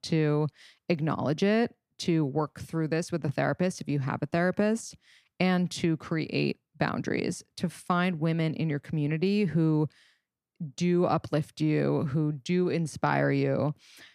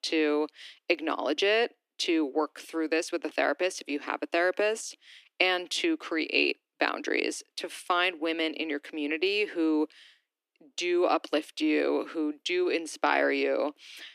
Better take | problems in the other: first | thin; somewhat; fading below 300 Hz

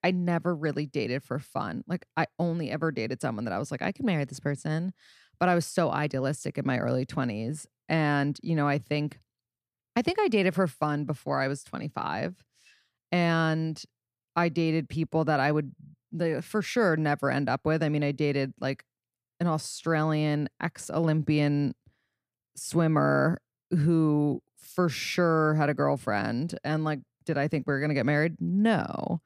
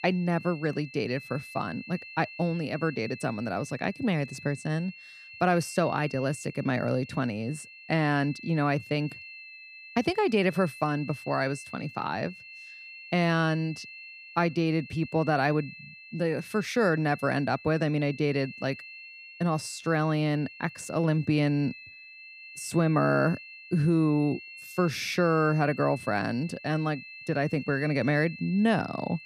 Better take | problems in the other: first | high-pitched whine; noticeable; throughout; 2.5 kHz, 15 dB below the speech

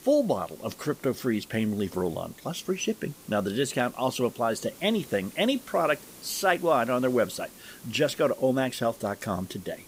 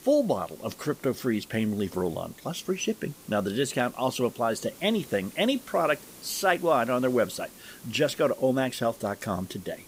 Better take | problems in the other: neither | hiss; noticeable; throughout; 20 dB below the speech; the same in both

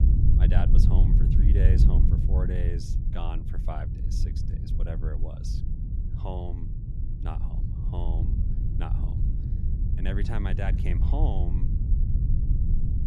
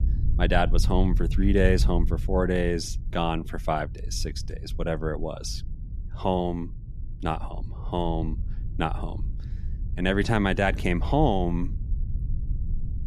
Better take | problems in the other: second | low rumble; loud; throughout; 2 dB below the speech; faint in the second

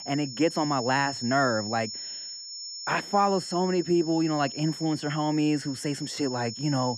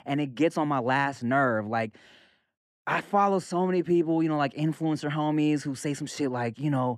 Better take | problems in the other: second | high-pitched whine; loud; throughout; 5.5 kHz, 9 dB below the speech

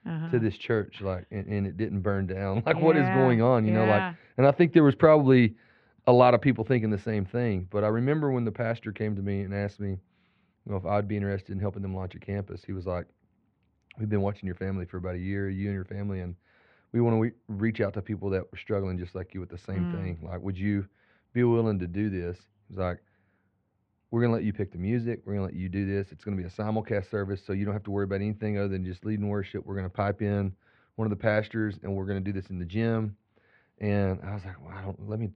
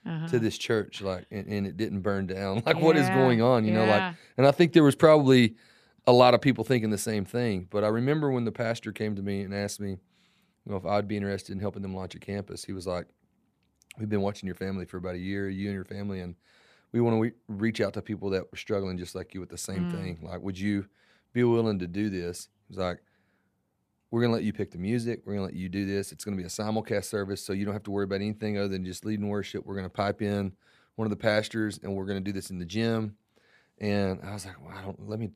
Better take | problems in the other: second | muffled; slightly; fading above 2.5 kHz

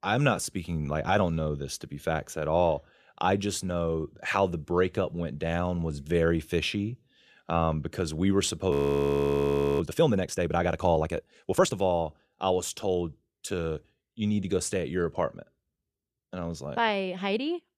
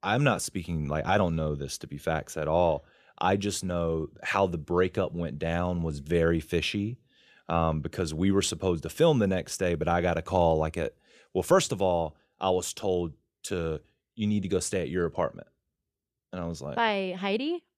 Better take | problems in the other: second | audio freezing; at 8.5 s for 1 s

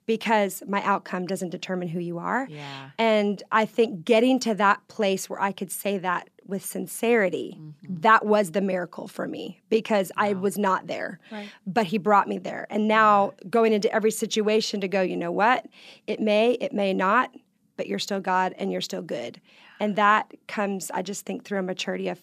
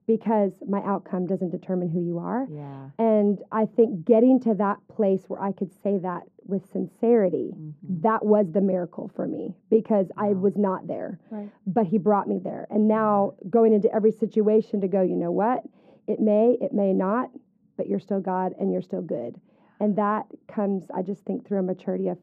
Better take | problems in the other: first | muffled; very; fading above 1.5 kHz

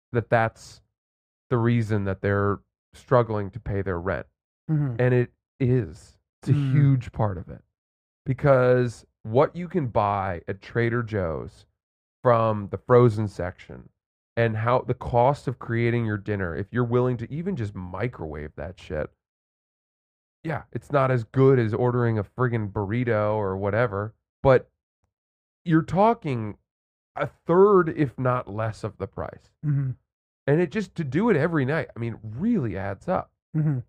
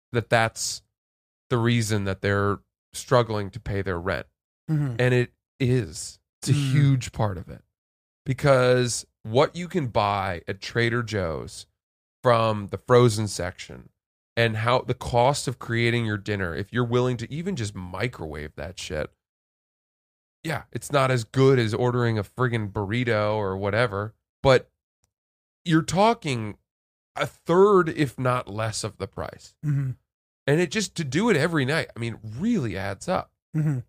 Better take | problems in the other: second | muffled; very; fading above 3 kHz

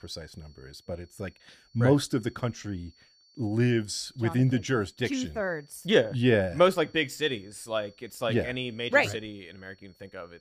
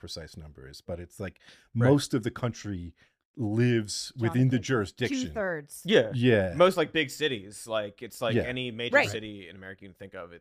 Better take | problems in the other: second | high-pitched whine; faint; throughout; 4.5 kHz, 30 dB below the speech

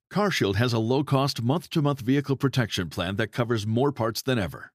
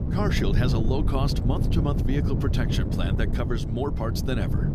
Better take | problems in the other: first | wind noise on the microphone; heavy; 4 dB below the speech

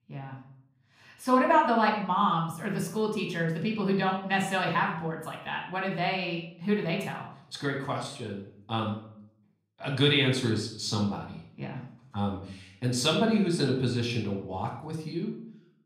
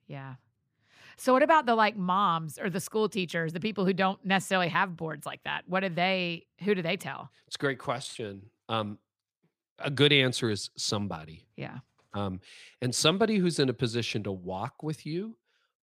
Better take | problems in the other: second | off-mic speech; somewhat distant // room echo; noticeable; dies away in 0.5 s

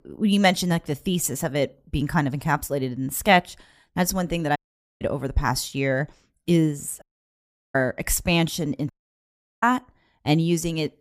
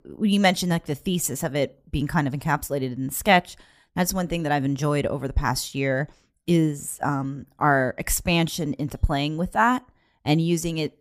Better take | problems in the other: second | audio cutting out; at 4.5 s, at 7 s for 0.5 s and at 9 s for 0.5 s

